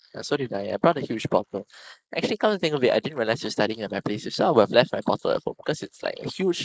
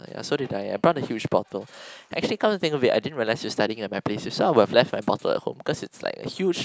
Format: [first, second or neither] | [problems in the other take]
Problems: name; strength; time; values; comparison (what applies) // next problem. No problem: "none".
second | noise reduction (neural mask model Resemble Enhance denoiser)